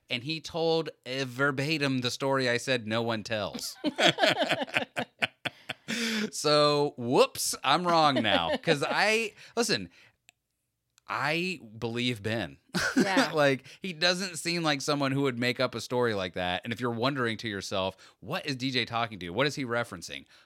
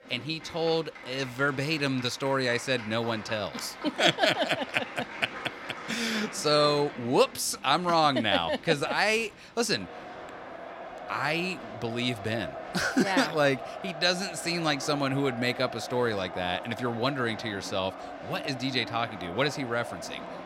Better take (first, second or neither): first